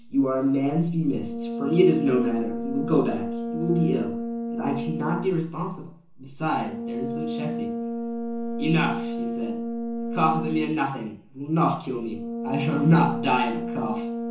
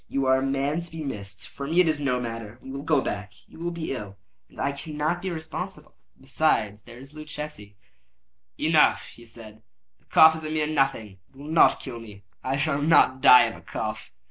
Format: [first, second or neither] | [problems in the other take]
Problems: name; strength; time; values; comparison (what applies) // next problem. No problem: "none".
second | background sound (Brass instrument); 5 dB below the speech // room echo; dies away in 0.6 s